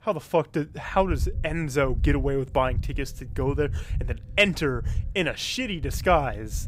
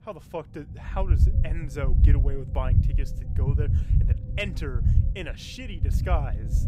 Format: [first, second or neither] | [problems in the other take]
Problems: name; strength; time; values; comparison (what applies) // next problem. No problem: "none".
first | low rumble; loud; throughout; 5 dB below the speech; faint in the first